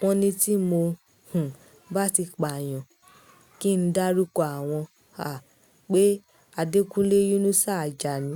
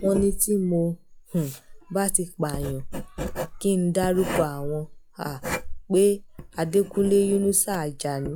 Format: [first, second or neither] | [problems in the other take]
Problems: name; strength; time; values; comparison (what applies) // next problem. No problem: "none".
first | noise reduction (classical method log-MMSE)